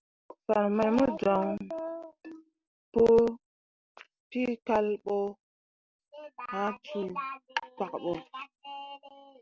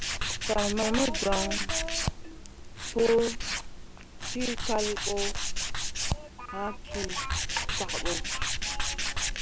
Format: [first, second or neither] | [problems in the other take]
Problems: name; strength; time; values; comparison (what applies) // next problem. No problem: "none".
first | background sound (Tools); 2 dB above the speech